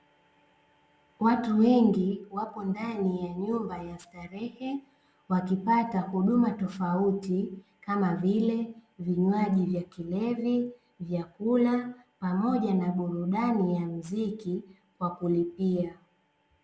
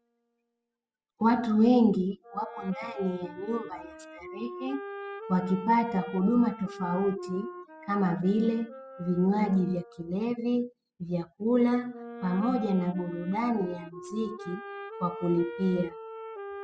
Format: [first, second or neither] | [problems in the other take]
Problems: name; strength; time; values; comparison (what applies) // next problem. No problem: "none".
first | noise reduction (classical method spectral subtraction)